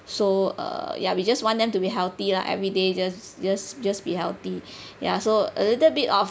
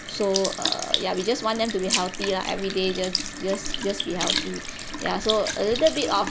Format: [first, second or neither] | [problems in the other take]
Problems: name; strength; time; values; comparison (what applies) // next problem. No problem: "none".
first | background sound (Sink (filling or washing) / Liquid); 4 dB below the speech